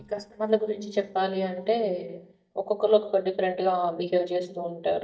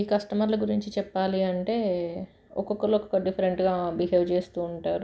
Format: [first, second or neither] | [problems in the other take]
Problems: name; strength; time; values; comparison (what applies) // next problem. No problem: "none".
second | noise reduction (neural mask model DeepFilterNet 3)